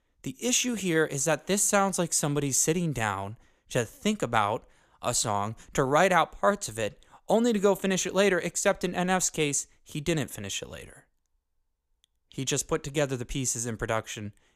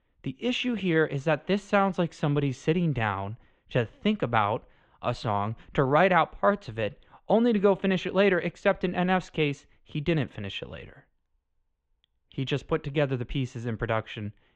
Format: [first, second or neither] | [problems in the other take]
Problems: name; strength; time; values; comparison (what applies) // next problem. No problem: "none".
first | muffled; very; fading above 3 kHz